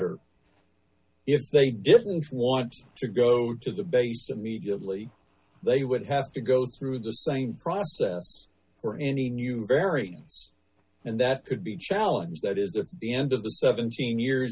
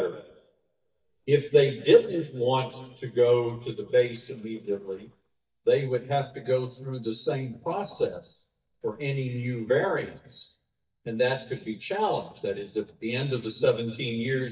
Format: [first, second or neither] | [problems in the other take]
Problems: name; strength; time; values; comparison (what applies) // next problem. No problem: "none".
first | noise reduction (neural mask model DeepFilterNet 3)